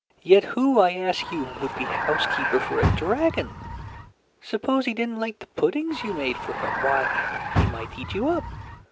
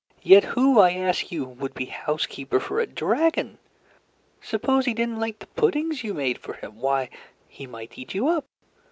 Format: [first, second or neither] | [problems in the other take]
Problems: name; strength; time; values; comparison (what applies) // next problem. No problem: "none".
second | background sound (Vehicle); 3 dB below the speech